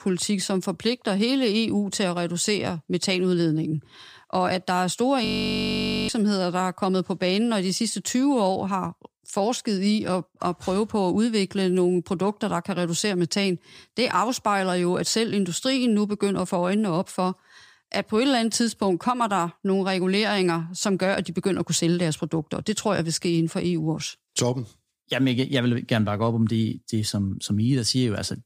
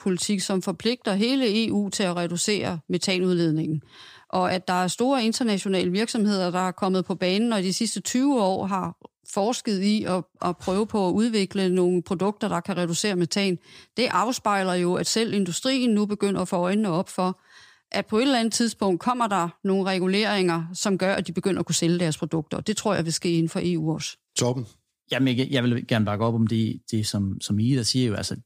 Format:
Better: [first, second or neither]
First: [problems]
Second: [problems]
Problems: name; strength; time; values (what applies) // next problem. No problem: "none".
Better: second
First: audio freezing; at 5.5 s for 1 s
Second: none